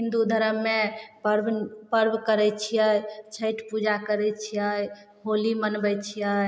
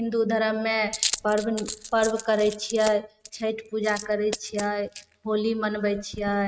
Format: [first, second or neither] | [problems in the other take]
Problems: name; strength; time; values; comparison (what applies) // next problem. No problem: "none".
first | noise reduction (neural mask model RNNoise)